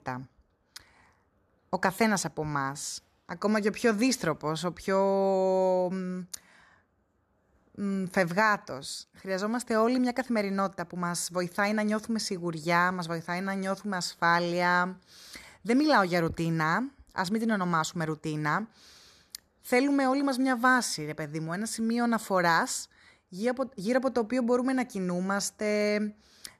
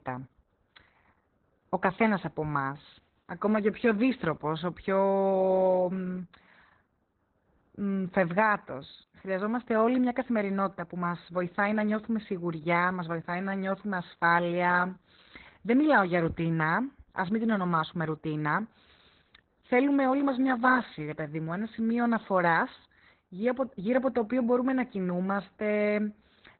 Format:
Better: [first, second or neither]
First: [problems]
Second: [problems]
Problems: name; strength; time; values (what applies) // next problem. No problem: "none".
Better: first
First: none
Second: garbled, watery; badly; nothing above 4 kHz